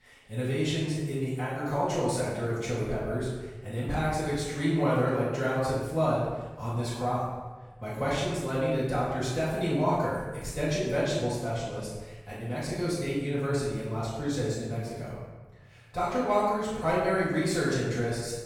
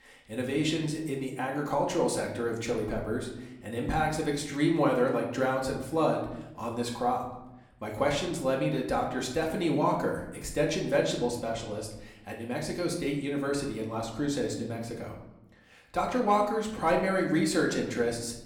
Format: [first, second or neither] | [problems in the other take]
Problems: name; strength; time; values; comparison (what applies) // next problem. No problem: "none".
second | room echo; strong; dies away in 1.1 s; slight in the second // off-mic speech; far; somewhat distant in the second